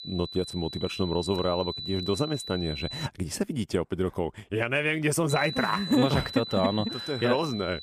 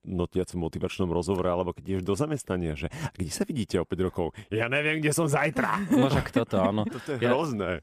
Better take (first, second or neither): second